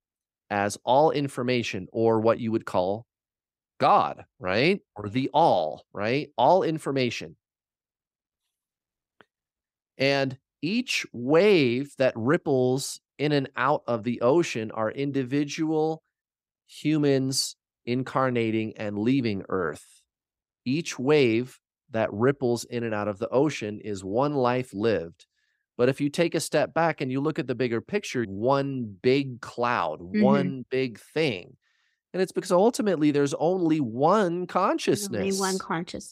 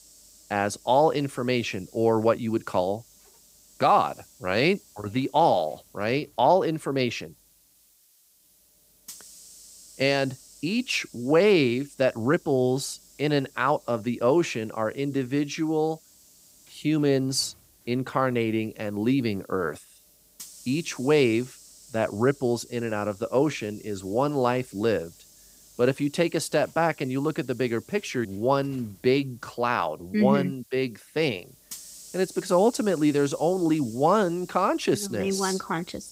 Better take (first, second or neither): first